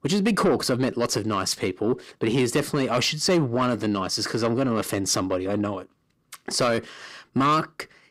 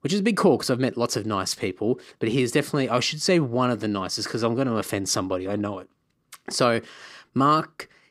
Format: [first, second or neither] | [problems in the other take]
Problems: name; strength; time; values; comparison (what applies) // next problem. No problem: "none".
second | distortion; slight; 10 dB below the speech